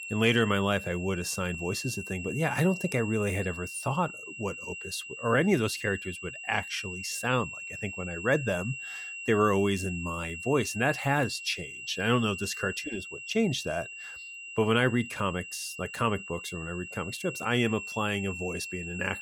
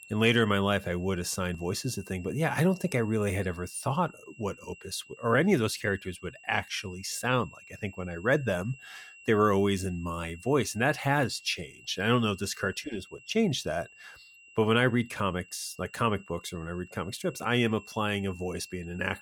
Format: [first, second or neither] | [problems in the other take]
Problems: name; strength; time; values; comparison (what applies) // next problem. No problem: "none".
second | high-pitched whine; loud; throughout; 2.5 kHz, 8 dB below the speech; faint in the second